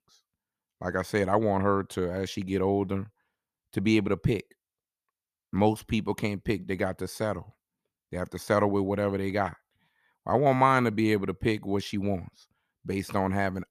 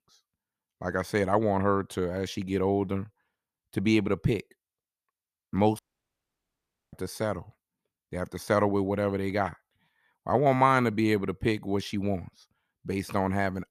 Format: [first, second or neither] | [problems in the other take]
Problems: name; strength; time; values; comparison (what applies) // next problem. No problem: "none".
first | audio cutting out; at 6 s for 1 s